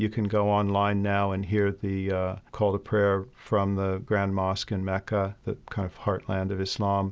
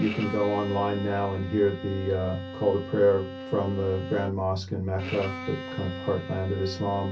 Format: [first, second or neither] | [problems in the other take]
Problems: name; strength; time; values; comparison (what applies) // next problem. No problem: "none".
first | background sound (Bowed string instrument); 11 dB below the speech // room echo; dies away in 0.3 s